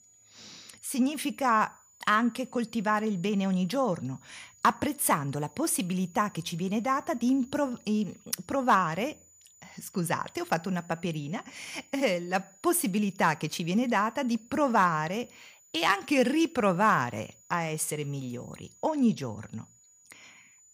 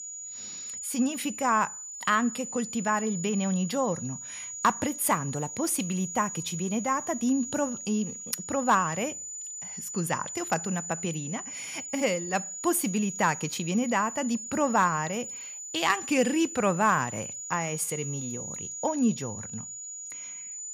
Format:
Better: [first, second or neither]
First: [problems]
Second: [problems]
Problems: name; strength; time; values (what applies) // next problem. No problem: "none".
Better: first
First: high-pitched whine; faint; throughout; 7 kHz, 30 dB below the speech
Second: high-pitched whine; loud; throughout; 7 kHz, 7 dB below the speech